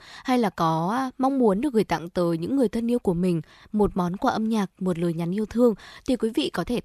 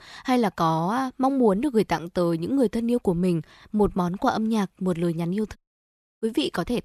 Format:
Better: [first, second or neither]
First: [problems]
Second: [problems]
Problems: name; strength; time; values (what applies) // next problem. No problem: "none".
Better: first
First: none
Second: audio cutting out; at 5.5 s for 0.5 s